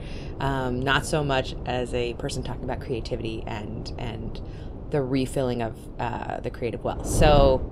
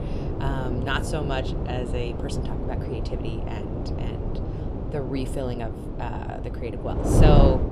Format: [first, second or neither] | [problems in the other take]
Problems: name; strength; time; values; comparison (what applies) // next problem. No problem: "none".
first | wind noise on the microphone; heavy; 2 dB below the speech; occasional gusts in the first